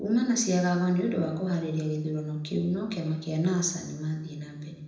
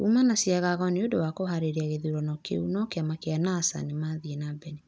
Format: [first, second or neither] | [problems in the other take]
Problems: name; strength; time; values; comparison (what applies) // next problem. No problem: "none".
second | room echo; dies away in 0.8 s